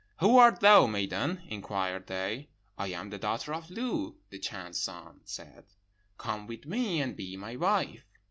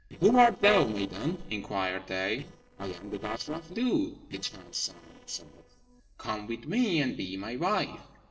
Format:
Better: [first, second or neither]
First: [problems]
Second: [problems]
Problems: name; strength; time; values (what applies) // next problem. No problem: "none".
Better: first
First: none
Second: noise reduction (neural separator model SepFormer DNS4)